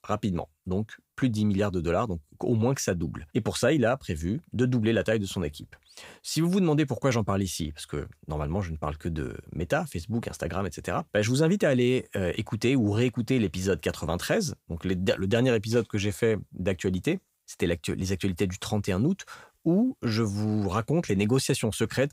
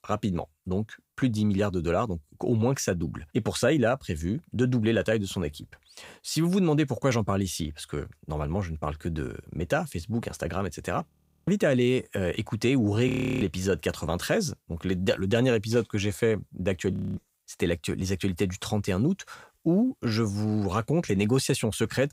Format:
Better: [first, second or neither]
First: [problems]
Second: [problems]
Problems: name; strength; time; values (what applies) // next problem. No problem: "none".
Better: first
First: none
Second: audio freezing; at 11 s, at 13 s and at 17 s